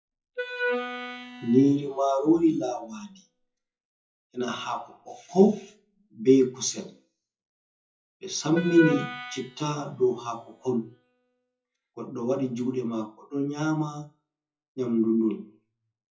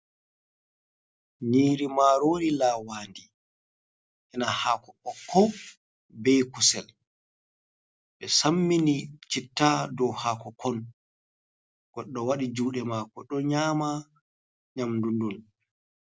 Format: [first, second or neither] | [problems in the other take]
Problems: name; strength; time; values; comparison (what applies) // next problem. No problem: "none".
second | noise reduction (classical method WPE with log-MMSE)